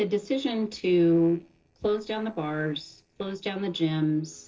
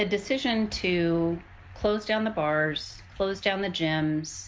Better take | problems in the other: second | noise reduction (neural separator model SepFormer DNS4)

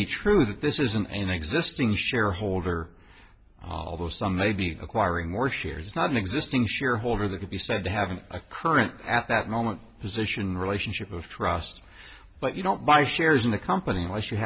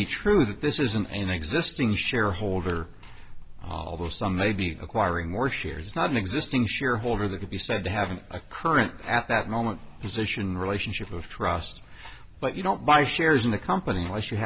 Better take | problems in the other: first | background sound (Tick-tock); 16 dB below the speech

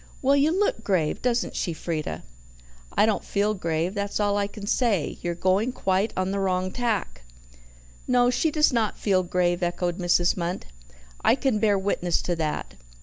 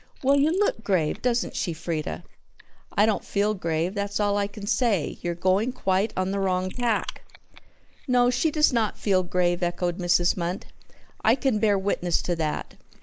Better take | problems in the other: first | noise reduction (neural mask model Resemble Enhance denoiser)

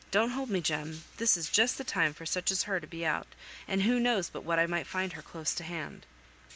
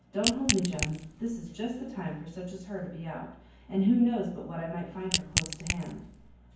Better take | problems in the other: first | background sound (Crack / Crushing); 1 dB below the speech // room echo; dies away in 0.9 s

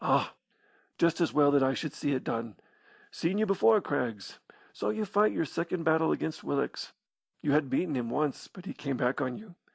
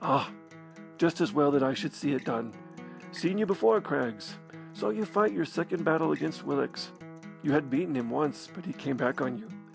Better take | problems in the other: first | background sound (Acoustic guitar); 16 dB below the speech

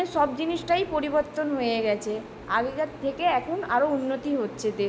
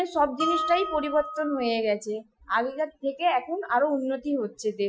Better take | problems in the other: first | noise reduction (classical method Wiener filter)

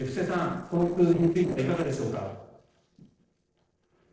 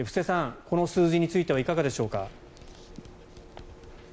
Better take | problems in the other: second | noise reduction (neural separator model SepFormer DNS4)

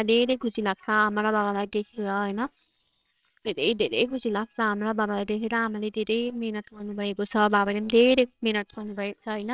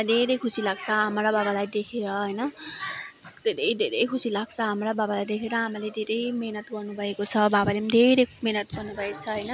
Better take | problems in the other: second | noise reduction (neural separator model SepFormer WHAMR!)

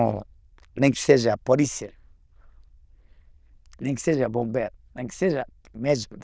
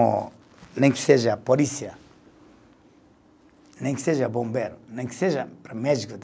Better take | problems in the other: second | noise reduction (neural diffusion model UNIVERSE++)

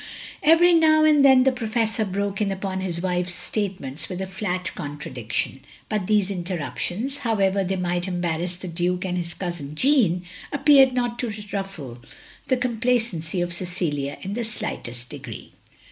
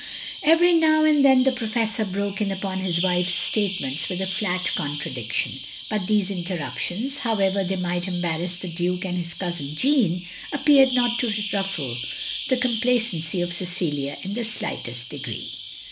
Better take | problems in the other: first | background sound (Bird vocalization, bird call, bird song); 9 dB below the speech

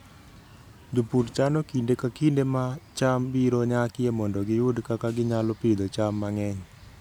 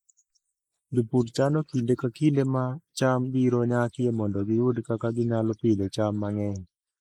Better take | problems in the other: first | noise reduction (neural mask model Resemble Enhance denoiser)

